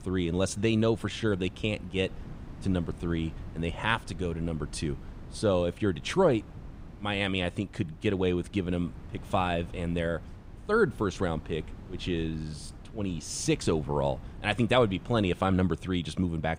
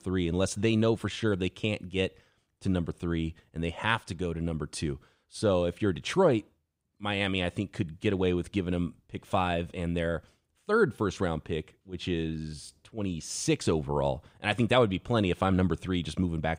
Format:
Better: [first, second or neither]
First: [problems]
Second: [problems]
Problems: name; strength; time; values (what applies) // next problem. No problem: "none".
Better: second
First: wind noise on the microphone; occasional gusts; 25 dB below the speech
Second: none